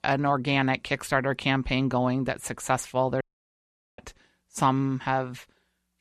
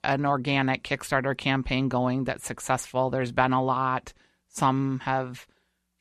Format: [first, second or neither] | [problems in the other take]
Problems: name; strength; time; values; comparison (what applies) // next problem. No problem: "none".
second | audio cutting out; at 3 s for 1 s